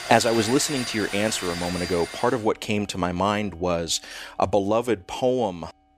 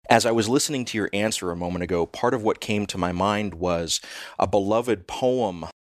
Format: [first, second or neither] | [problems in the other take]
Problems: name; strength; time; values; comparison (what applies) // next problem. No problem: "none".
second | household noises; loud; throughout; 8 dB below the speech